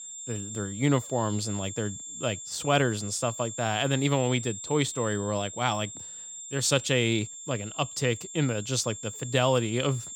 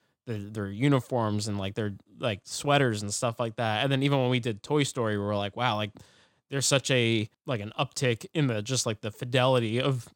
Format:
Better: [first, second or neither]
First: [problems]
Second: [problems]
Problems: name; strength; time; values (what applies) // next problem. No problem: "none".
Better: second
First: high-pitched whine; loud; throughout; 7.5 kHz, 10 dB below the speech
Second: none